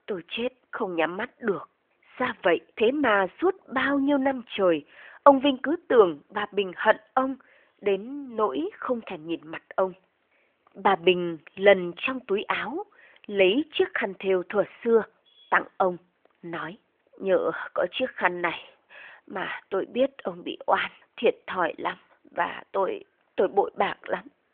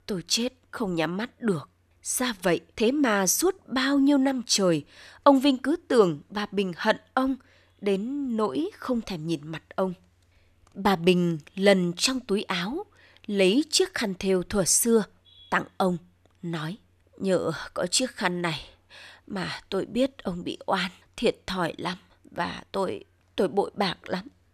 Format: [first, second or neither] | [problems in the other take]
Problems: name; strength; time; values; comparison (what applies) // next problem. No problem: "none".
second | phone-call audio; nothing above 3.5 kHz